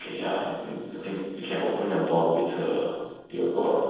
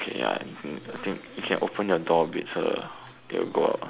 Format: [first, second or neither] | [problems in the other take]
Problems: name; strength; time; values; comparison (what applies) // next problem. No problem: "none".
second | noise reduction (neural separator model SepFormer DNS4)